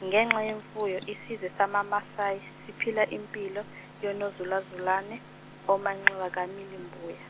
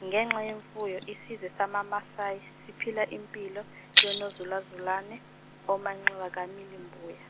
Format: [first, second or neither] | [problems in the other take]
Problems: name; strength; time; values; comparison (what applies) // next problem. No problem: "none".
first | background sound (Shatter); 3 dB above the speech